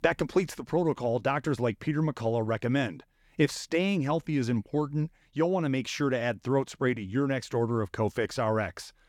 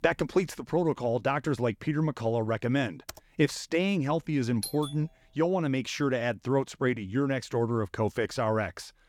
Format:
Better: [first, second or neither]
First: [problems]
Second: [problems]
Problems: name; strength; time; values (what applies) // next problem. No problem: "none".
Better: first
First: none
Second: keyboard typing; faint; at 3 s; peak 15 dB below the speech // doorbell; noticeable; at 4.5 s; peak 8 dB below the speech